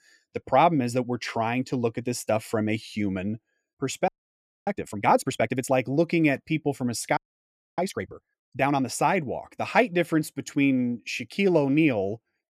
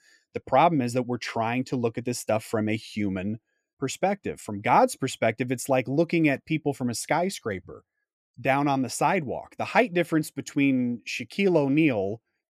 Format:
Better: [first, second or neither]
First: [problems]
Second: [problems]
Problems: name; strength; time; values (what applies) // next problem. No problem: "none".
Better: second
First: audio freezing; at 4 s for 0.5 s and at 7 s for 0.5 s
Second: none